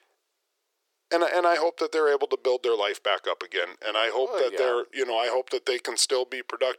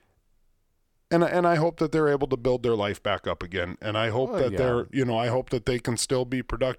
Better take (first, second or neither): second